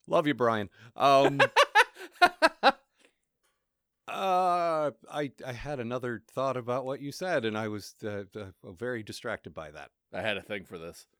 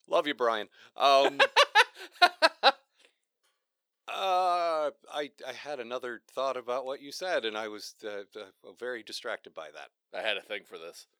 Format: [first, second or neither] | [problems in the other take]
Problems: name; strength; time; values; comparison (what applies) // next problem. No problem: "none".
first | thin; somewhat; fading below 450 Hz